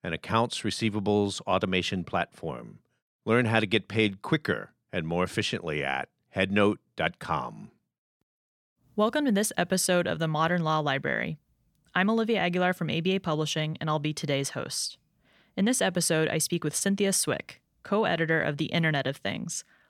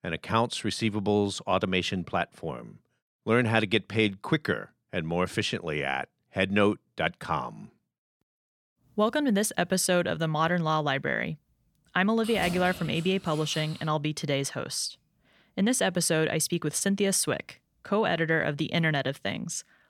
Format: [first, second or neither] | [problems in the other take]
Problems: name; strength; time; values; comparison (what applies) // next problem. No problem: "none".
first | jangling keys; noticeable; from 12 to 14 s; peak 9 dB below the speech